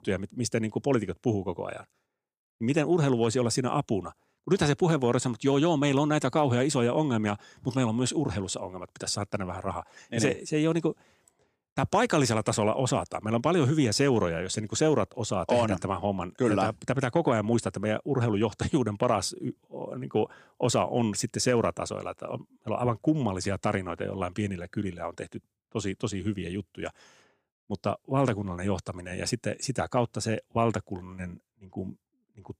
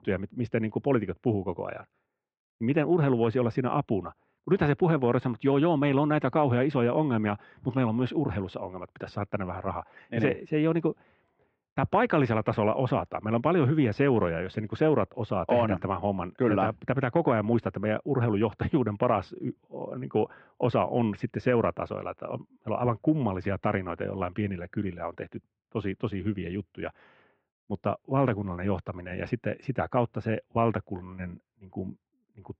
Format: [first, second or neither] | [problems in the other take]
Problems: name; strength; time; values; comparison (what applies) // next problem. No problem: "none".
first | muffled; very; fading above 2.5 kHz